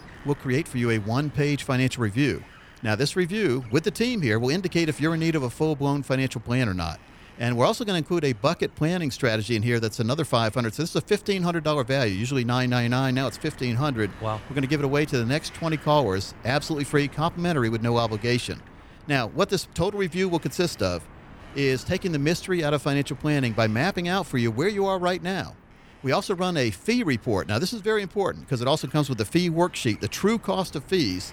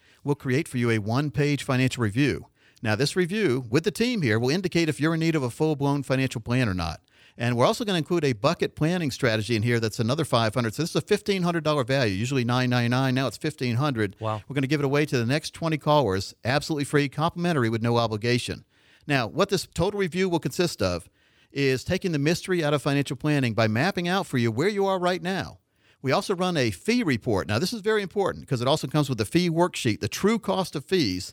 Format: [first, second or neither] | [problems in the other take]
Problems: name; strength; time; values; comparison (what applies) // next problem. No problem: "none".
second | wind noise on the microphone; occasional gusts; 20 dB below the speech